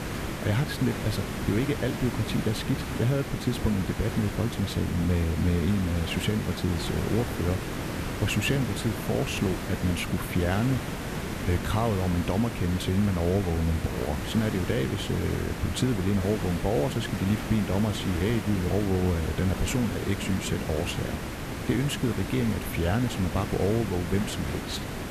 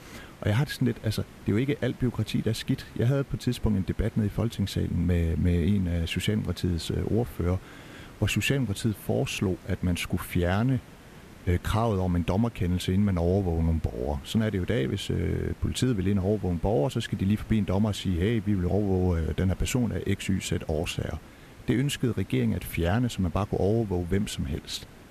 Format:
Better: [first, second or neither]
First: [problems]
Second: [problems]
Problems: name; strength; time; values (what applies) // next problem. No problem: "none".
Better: second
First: hiss; loud; throughout; 5 dB below the speech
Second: hiss; faint; throughout; 20 dB below the speech